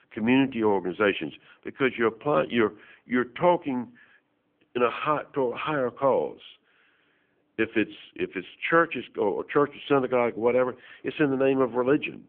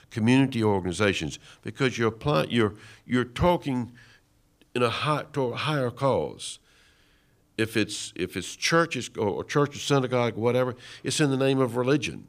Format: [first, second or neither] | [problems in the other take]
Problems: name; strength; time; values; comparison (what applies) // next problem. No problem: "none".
second | phone-call audio; poor line